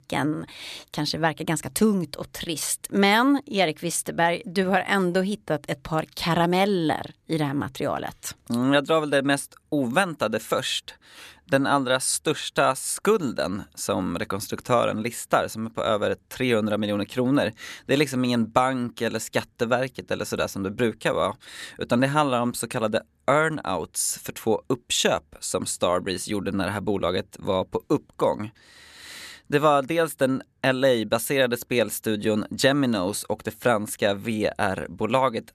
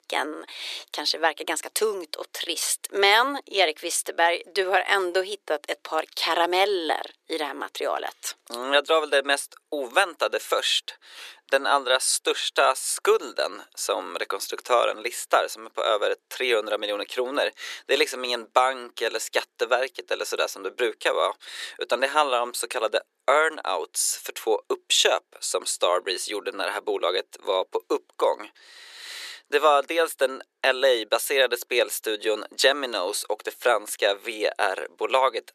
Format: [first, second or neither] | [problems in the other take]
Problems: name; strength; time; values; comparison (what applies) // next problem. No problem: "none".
first | thin; very; fading below 350 Hz